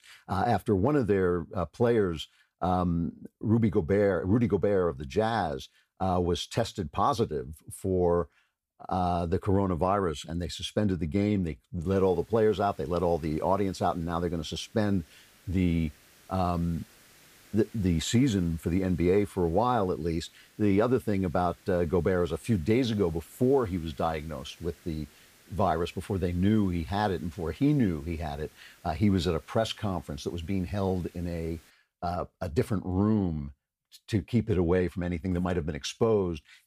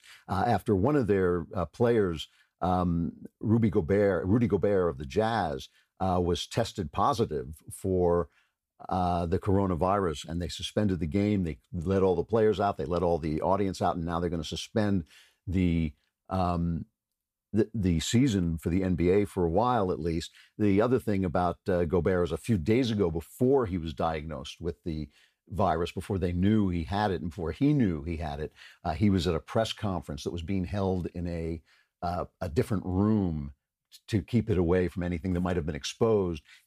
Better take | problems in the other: second | hiss; faint; from 12 to 32 s; 30 dB below the speech

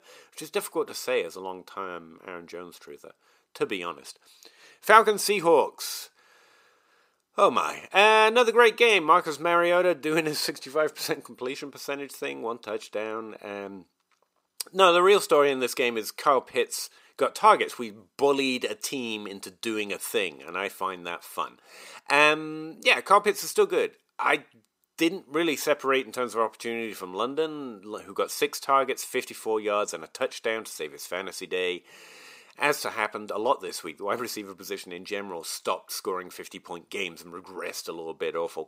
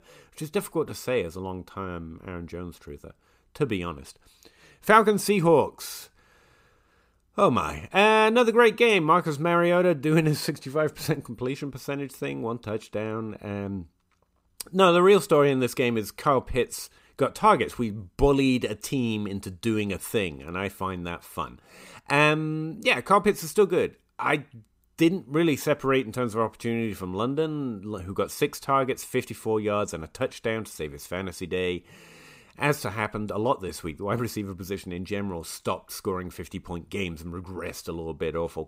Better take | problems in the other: second | thin; somewhat; fading below 400 Hz

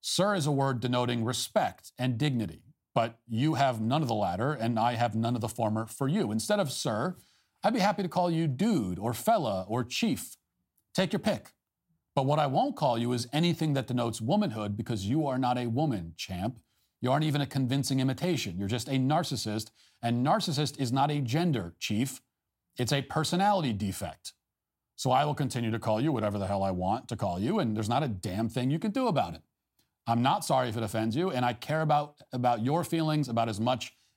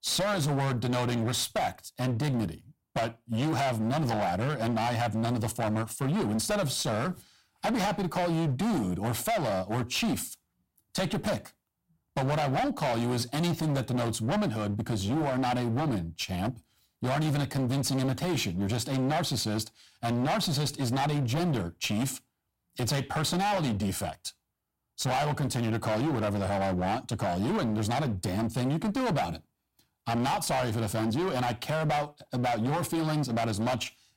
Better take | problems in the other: first | distortion; heavy; 26% of the sound clipped

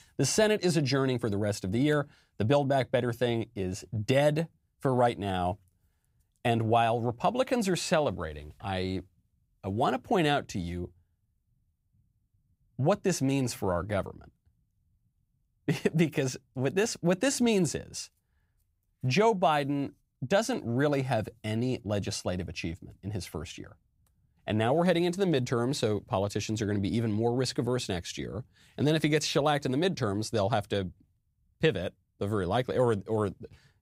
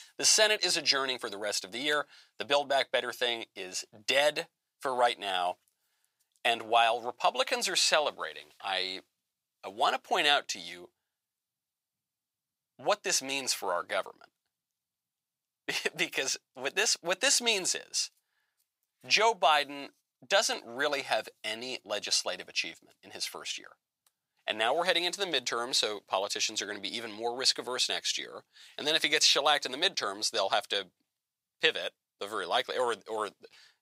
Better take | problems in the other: first | thin; very; fading below 750 Hz

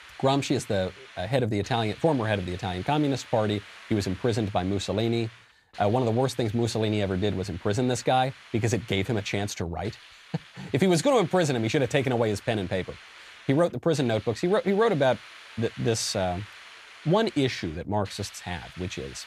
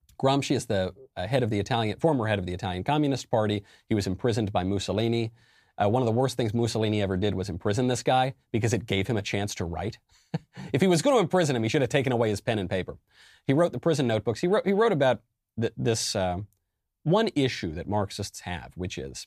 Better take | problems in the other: second | hiss; noticeable; throughout; 20 dB below the speech

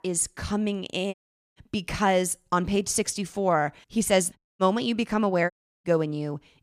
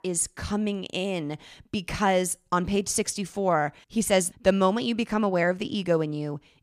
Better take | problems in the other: second | audio cutting out; at 1 s, at 4.5 s and at 5.5 s

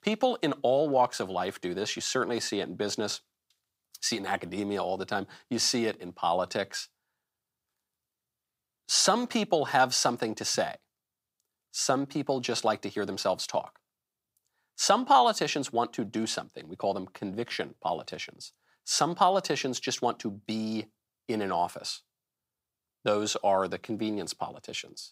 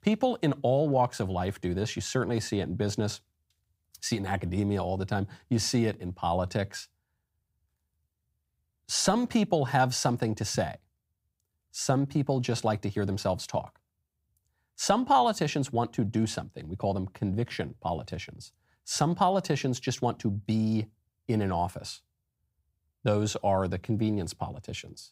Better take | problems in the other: second | thin; somewhat; fading below 300 Hz

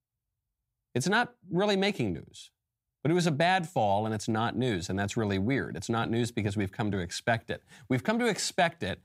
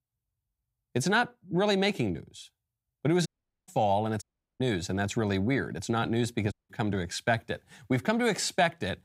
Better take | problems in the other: first | audio cutting out; at 3.5 s, at 4 s and at 6.5 s

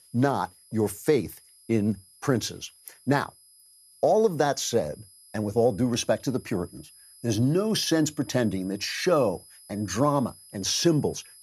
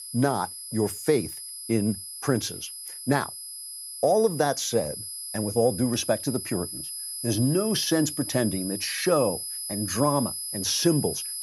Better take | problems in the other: first | high-pitched whine; loud; throughout; 10 kHz, 7 dB below the speech; faint in the first

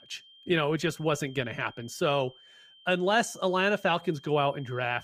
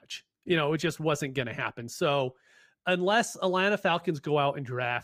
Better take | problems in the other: second | high-pitched whine; faint; throughout; 3 kHz, 25 dB below the speech

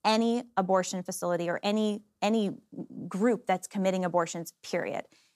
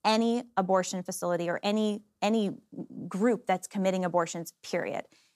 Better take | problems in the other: neither | none

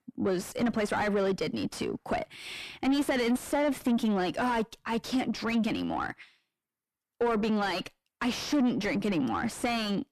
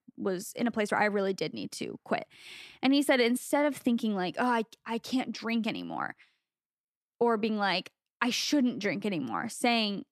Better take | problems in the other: second | distortion; heavy; 6 dB below the speech

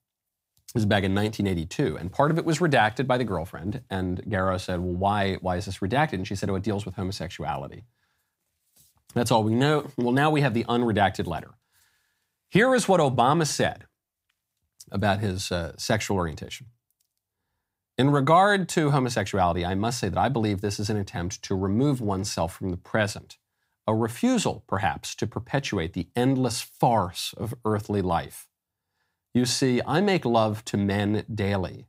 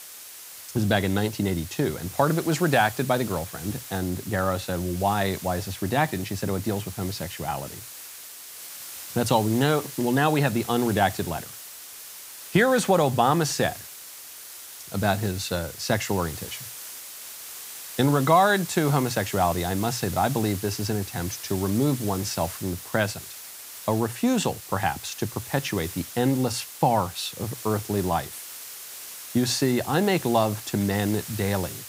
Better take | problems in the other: first | hiss; noticeable; throughout; 10 dB below the speech

